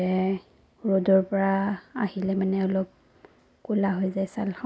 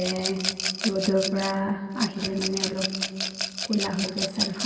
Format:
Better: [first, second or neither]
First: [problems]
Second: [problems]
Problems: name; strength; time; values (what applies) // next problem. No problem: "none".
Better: first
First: none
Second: background sound (Rattle / Glass); 4 dB below the speech // room echo; dies away in 2.6 s